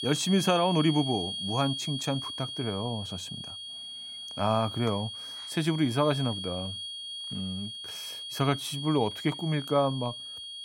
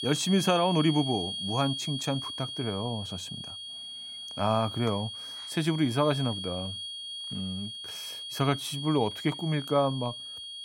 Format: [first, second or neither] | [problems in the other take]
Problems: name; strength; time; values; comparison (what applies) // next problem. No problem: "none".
neither | high-pitched whine; loud; throughout; 3.5 kHz, 6 dB below the speech; the same in both